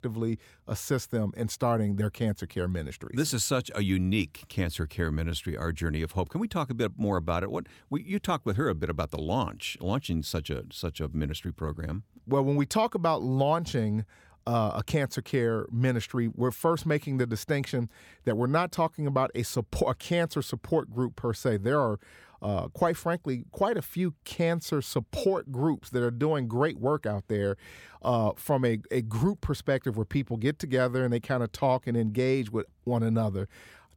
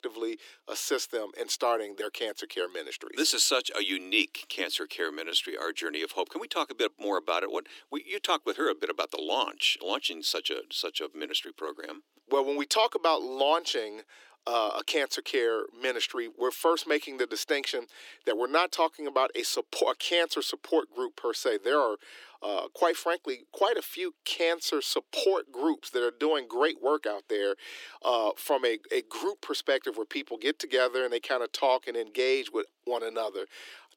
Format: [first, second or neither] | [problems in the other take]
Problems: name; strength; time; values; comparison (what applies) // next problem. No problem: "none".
first | thin; very; fading below 300 Hz